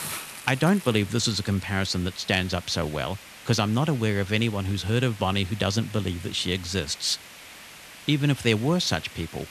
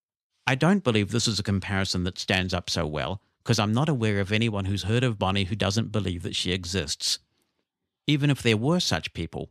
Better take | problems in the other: second | hiss; noticeable; throughout; 15 dB below the speech

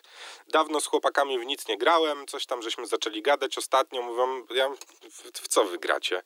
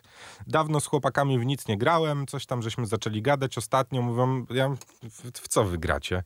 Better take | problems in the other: second | thin; very; fading below 300 Hz

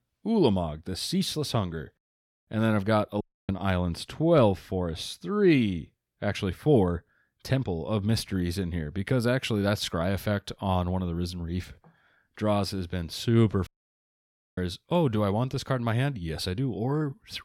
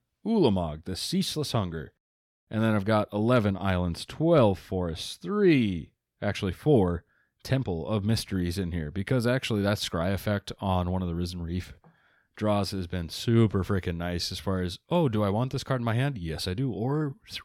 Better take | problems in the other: second | audio cutting out; at 3 s and at 14 s for 1 s

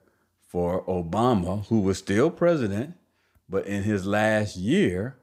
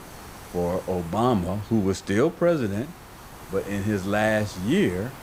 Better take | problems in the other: first | hiss; noticeable; throughout; 15 dB below the speech

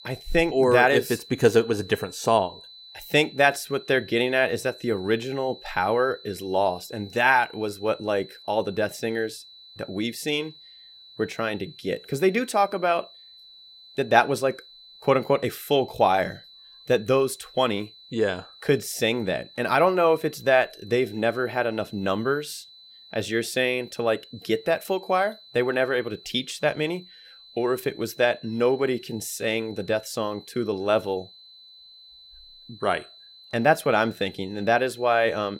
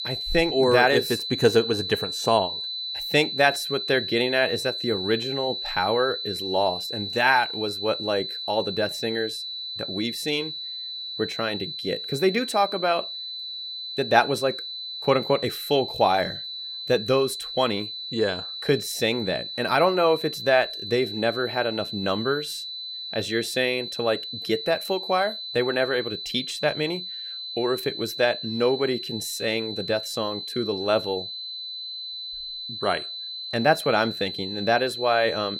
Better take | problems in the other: first | high-pitched whine; loud; throughout; 4 kHz, 6 dB below the speech; faint in the first

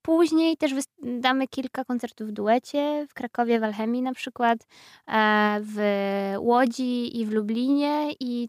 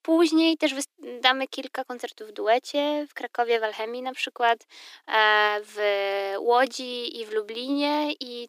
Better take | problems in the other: first | thin; somewhat; fading below 300 Hz

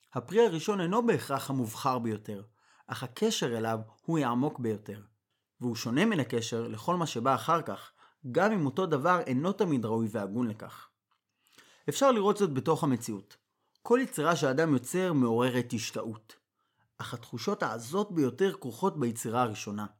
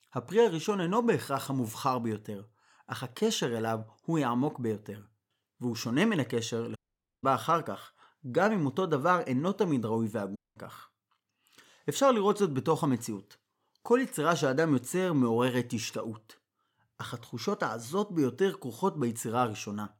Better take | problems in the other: first | audio cutting out; at 7 s and at 10 s

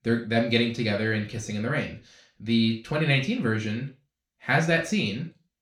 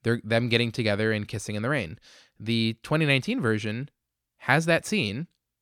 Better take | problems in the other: second | room echo; slight; dies away in 0.3 s // off-mic speech; far

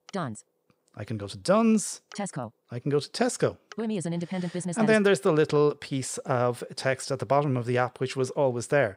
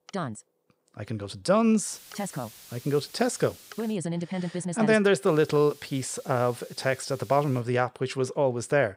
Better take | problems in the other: first | hiss; faint; from 2 to 4 s and from 5.5 to 7.5 s; 20 dB below the speech

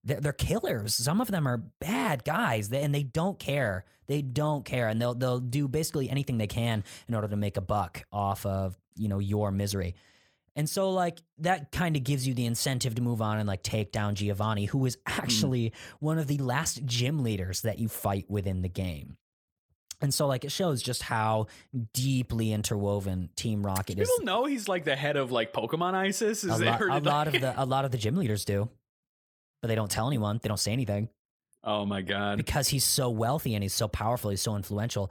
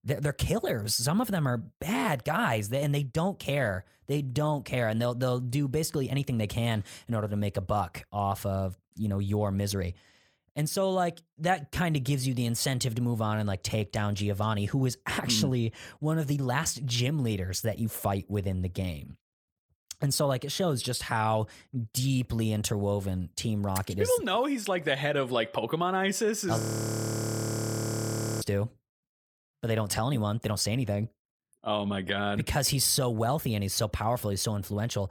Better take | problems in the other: first | audio freezing; at 27 s for 2 s

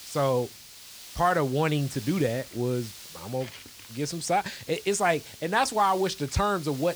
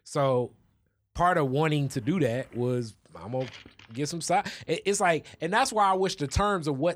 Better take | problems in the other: second | hiss; noticeable; throughout; 15 dB below the speech

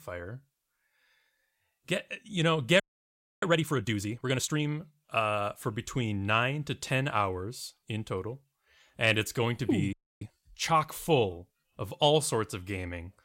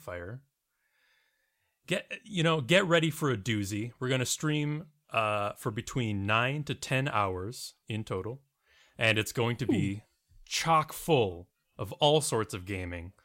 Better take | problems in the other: second | audio freezing; at 3 s for 0.5 s and at 10 s

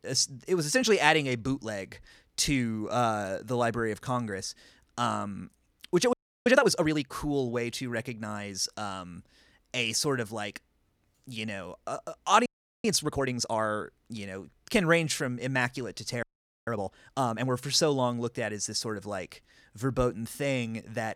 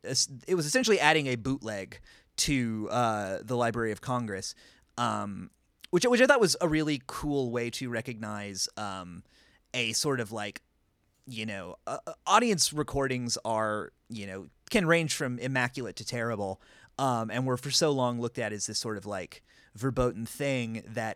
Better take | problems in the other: second | audio freezing; at 6 s, at 12 s and at 16 s

